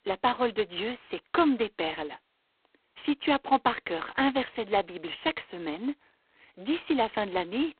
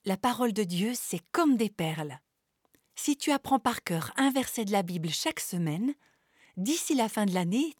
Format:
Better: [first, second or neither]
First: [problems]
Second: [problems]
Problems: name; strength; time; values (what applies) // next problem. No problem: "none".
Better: second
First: phone-call audio; poor line; nothing above 4 kHz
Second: none